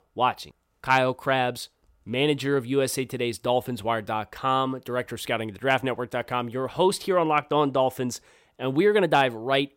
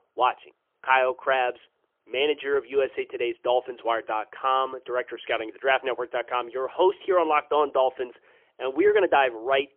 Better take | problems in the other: first | phone-call audio; poor line; nothing above 3 kHz

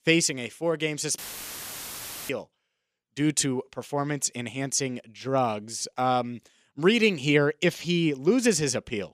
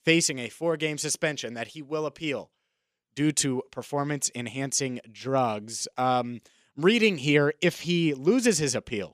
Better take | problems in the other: second | audio cutting out; filled with static; at 1 s for 1 s

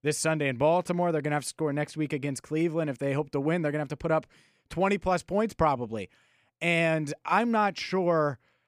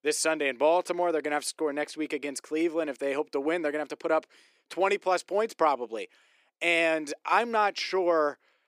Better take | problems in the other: first | thin; somewhat; fading below 350 Hz

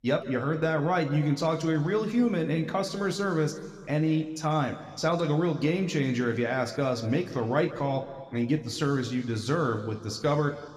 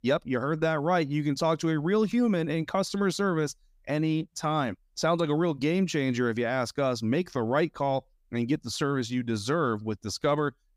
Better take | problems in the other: second | room echo; slight; dies away in 1.7 s

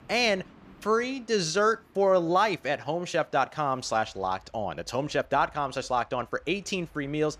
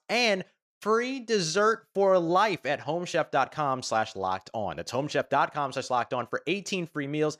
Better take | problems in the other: second | train or aircraft noise; faint; throughout; 30 dB below the speech

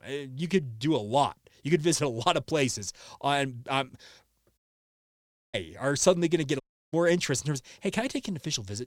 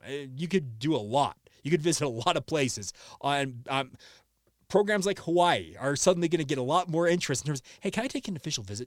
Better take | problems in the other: second | audio cutting out; at 4.5 s for 1 s and at 6.5 s

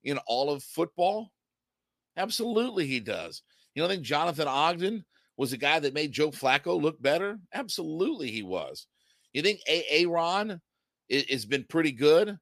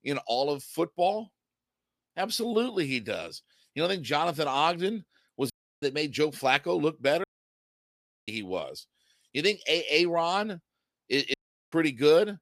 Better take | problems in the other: first | audio cutting out; at 5.5 s, at 7 s for 1 s and at 11 s

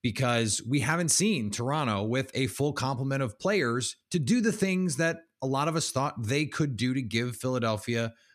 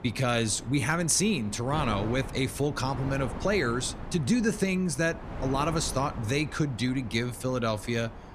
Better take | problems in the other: first | wind noise on the microphone; occasional gusts; 15 dB below the speech

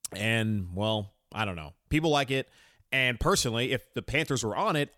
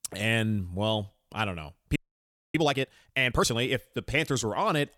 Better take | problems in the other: first | audio freezing; at 2 s for 0.5 s

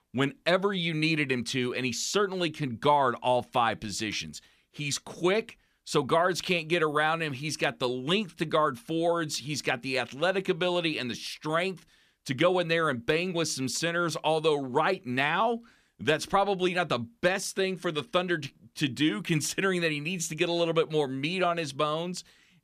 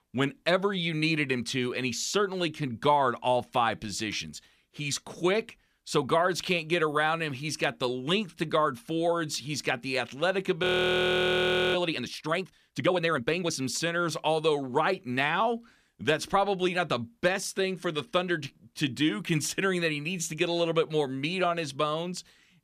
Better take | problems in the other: first | audio freezing; at 11 s for 1 s

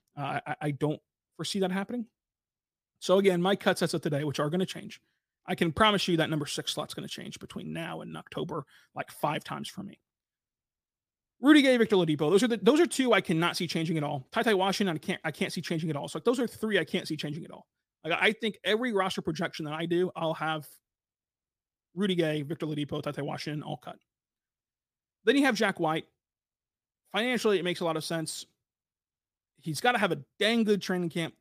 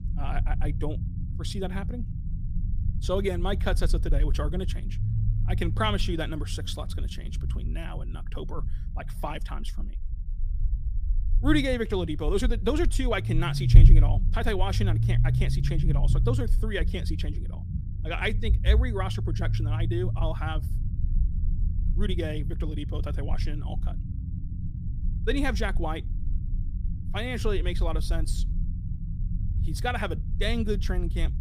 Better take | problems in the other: first | low rumble; noticeable; throughout; 10 dB below the speech

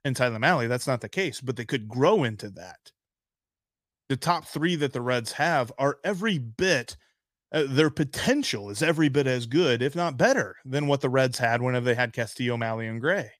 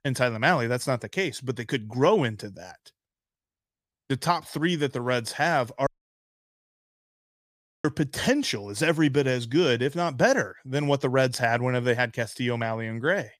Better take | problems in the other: first | audio cutting out; at 6 s for 2 s

